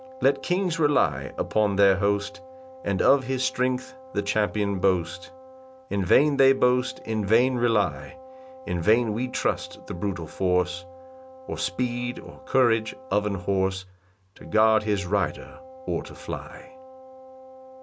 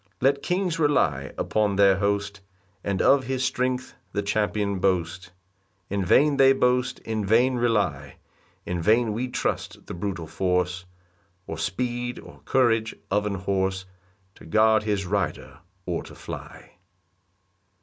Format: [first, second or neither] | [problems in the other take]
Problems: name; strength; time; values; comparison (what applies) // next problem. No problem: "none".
second | background sound (Wind instrument, woodwind instrument); 19 dB below the speech